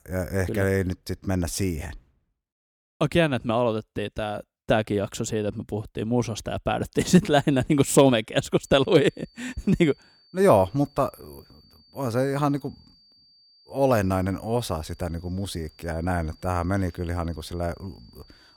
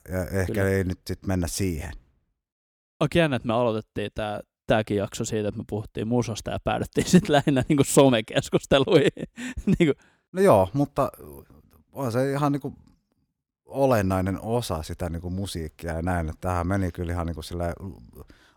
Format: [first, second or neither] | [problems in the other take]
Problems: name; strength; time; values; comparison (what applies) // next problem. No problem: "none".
second | high-pitched whine; faint; from 8.5 s on; 4.5 kHz, 30 dB below the speech